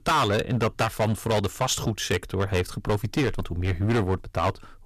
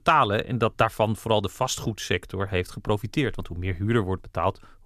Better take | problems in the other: second | distortion; heavy; 12% of the sound clipped

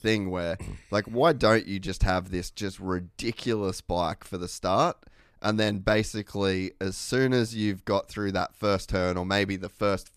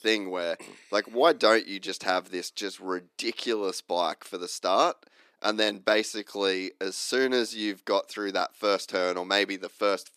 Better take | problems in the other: first | thin; somewhat; fading below 300 Hz

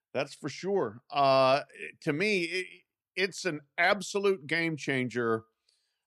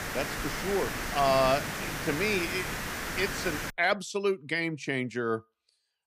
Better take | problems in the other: first | hiss; loud; until 3.5 s; 4 dB below the speech

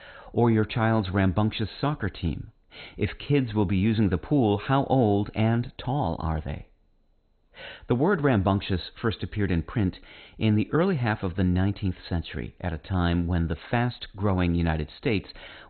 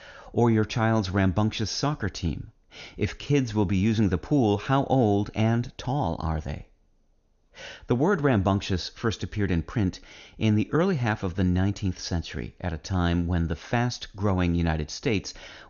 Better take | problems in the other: second | garbled, watery; badly; nothing above 4 kHz; slightly in the second

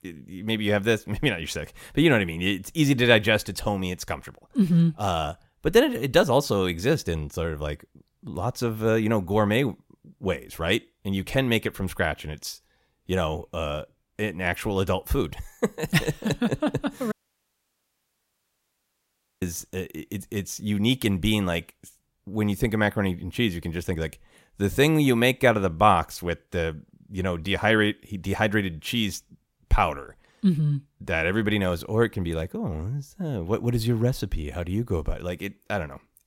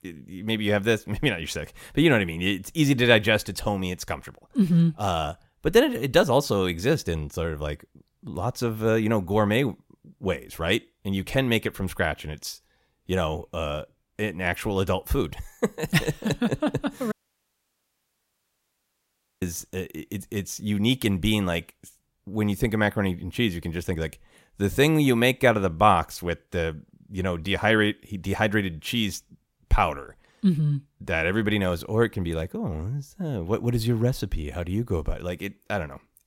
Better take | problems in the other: neither | audio cutting out; at 17 s for 2.5 s; the same in both

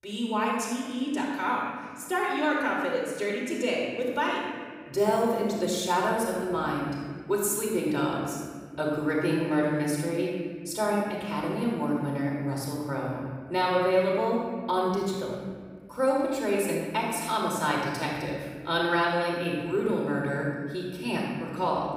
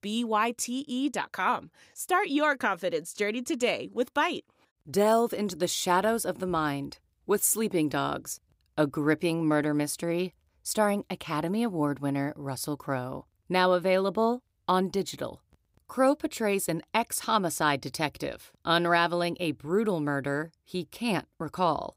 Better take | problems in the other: second | room echo; strong; dies away in 1.7 s // off-mic speech; far

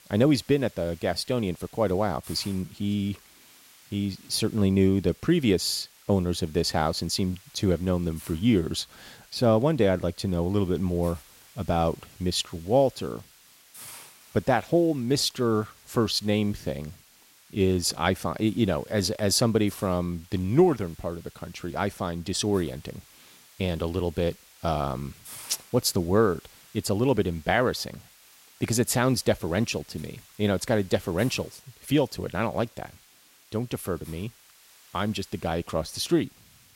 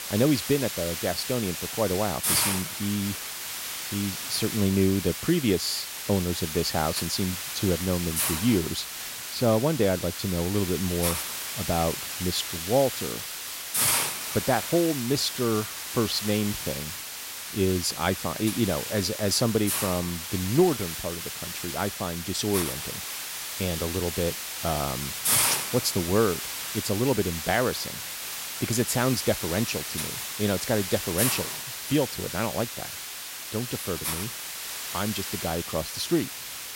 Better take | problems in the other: first | hiss; loud; throughout; 2 dB below the speech; faint in the first

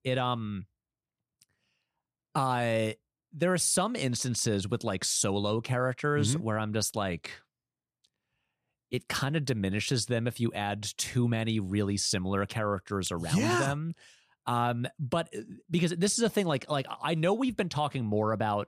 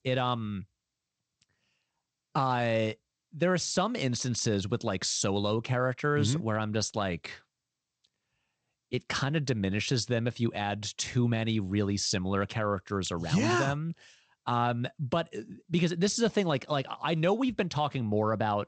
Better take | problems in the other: first | garbled, watery; slightly; nothing above 8 kHz

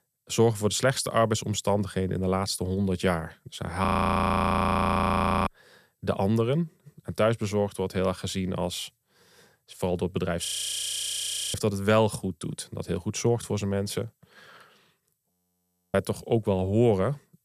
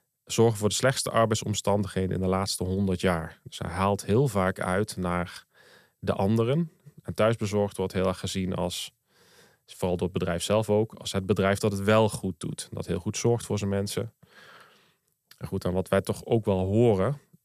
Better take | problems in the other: second | audio freezing; at 4 s for 1.5 s, at 10 s for 1 s and at 15 s for 0.5 s

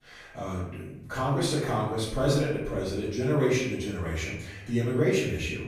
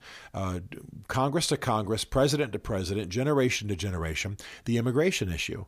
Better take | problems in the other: second | off-mic speech; far // room echo; noticeable; dies away in 0.8 s

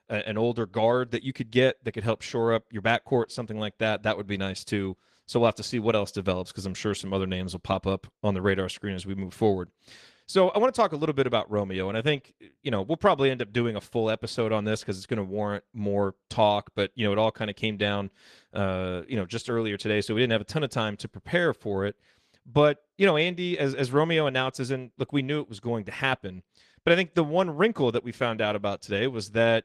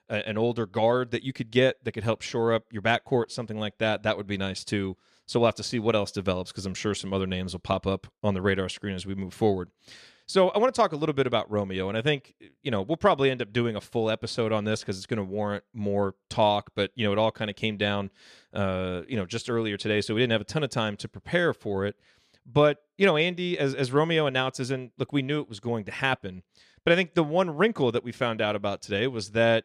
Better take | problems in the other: second | garbled, watery; slightly

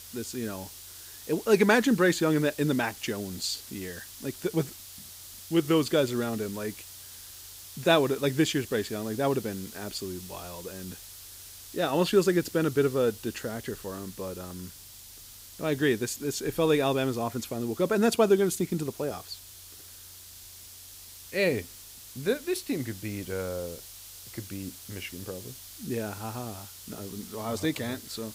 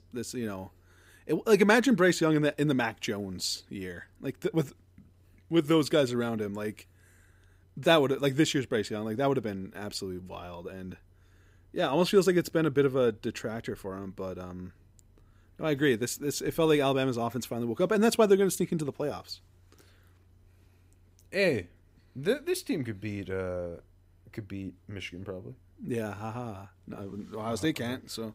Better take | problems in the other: second | hiss; noticeable; throughout; 15 dB below the speech

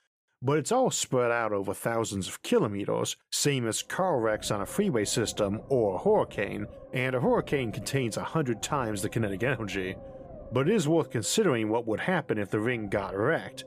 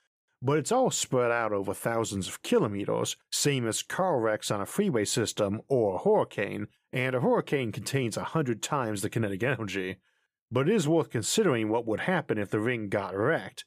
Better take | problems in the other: second | low rumble; noticeable; from 4 s on; 20 dB below the speech

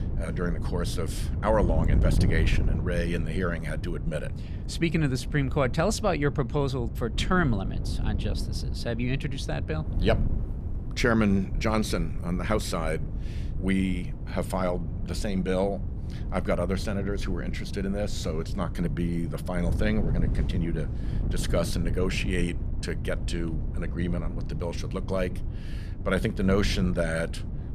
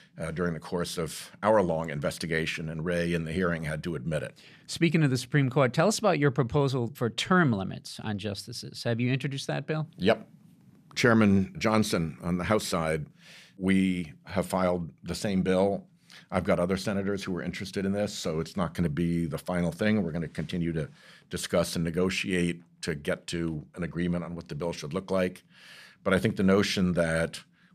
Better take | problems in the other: second | wind noise on the microphone; occasional gusts; 15 dB below the speech

